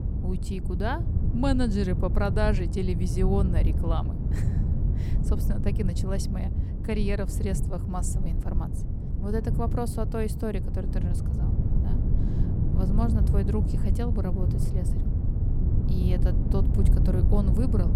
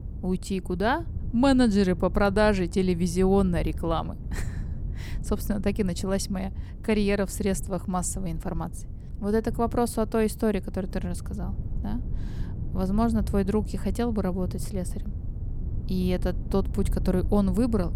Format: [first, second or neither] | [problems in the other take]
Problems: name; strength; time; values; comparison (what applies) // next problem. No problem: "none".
second | wind noise on the microphone; heavy; 6 dB below the speech; occasional gusts in the second